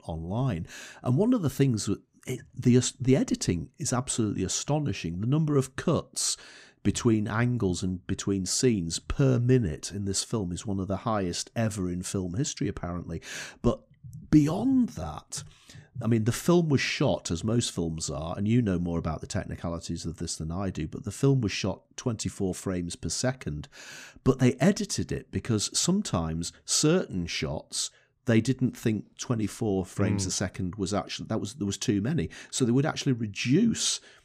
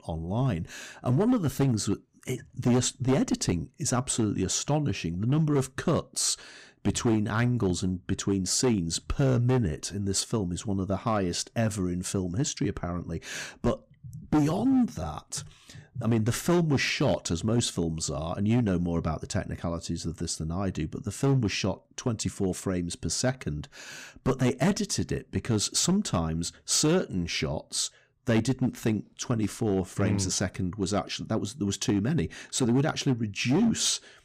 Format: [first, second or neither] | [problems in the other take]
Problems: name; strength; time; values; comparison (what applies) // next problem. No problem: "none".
first | distortion; slight; 5% of the sound clipped